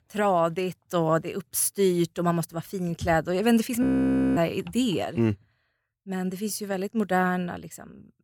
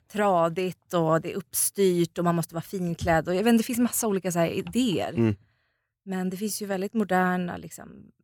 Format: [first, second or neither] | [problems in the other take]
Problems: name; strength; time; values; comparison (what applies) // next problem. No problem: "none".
second | audio freezing; at 4 s for 0.5 s